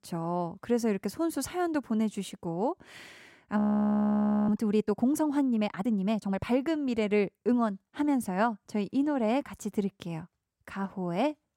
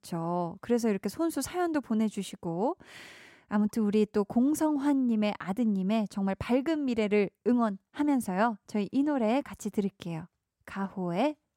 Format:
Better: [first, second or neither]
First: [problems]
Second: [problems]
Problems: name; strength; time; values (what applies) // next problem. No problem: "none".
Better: second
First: audio freezing; at 3.5 s for 1 s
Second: none